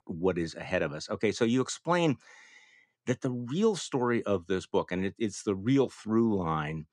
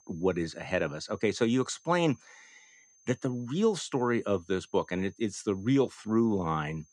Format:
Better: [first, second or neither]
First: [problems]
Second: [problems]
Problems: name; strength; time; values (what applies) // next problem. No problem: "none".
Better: first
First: none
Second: high-pitched whine; faint; throughout; 6.5 kHz, 30 dB below the speech